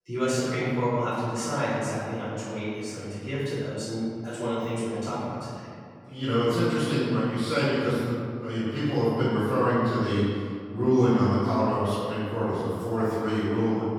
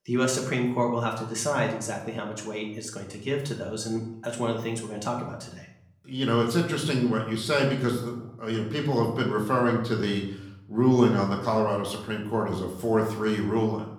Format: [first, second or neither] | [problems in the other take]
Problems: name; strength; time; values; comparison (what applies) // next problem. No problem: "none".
second | room echo; strong; dies away in 2.1 s; slight in the second // off-mic speech; far; somewhat distant in the second